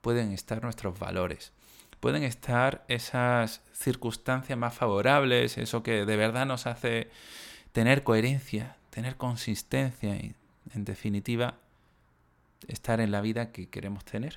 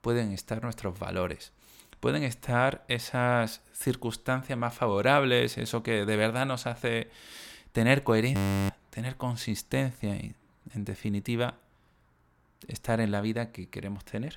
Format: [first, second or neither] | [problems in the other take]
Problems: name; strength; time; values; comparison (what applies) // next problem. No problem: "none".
first | audio freezing; at 8.5 s